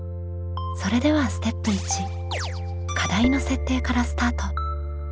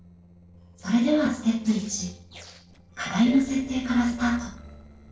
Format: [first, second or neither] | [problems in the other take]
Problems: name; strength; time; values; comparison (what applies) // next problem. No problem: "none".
first | noise reduction (neural separator model SepFormer DNS4)